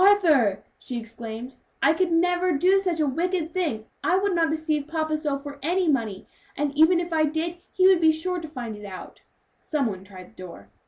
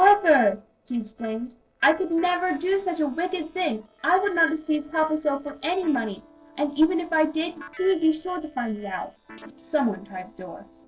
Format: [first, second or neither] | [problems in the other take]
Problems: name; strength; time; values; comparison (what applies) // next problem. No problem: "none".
first | noise reduction (neural separator model SepFormer DNS4)